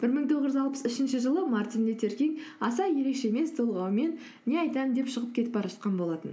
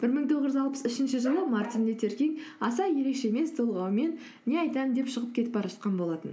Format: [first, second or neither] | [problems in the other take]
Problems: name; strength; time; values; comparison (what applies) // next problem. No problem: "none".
first | background sound (Bark); 17 dB below the speech